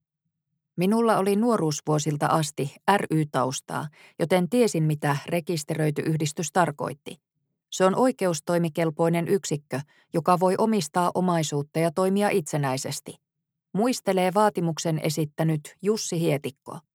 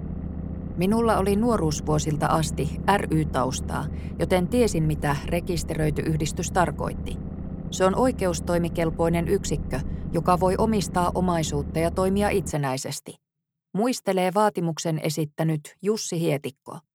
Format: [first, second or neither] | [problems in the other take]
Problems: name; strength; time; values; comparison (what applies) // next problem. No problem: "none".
first | low rumble; noticeable; until 13 s; 15 dB below the speech